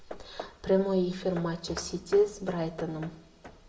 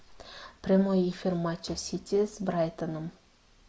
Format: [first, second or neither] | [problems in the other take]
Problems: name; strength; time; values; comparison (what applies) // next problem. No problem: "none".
second | background sound (Hammer / Wood); 17 dB below the speech // room echo; dies away in 0.7 s